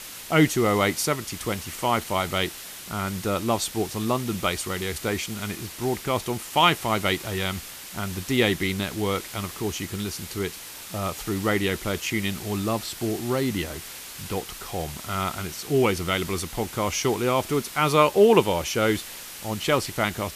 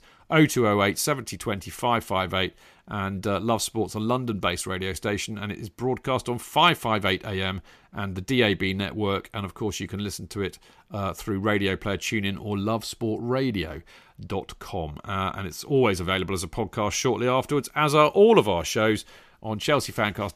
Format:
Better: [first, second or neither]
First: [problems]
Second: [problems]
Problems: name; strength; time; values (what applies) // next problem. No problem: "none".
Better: second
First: hiss; noticeable; throughout; 10 dB below the speech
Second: none